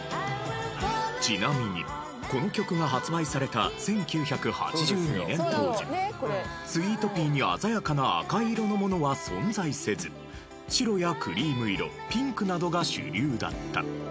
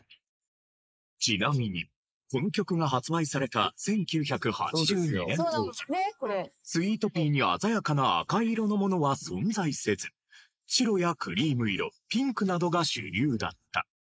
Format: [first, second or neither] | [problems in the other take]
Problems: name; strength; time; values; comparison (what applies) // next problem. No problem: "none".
first | noise reduction (neural mask model Resemble Enhance denoiser)